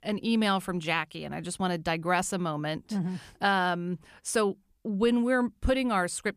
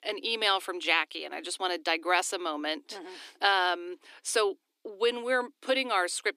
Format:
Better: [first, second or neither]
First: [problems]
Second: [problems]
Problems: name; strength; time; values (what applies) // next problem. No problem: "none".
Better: first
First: none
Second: thin; very; fading below 300 Hz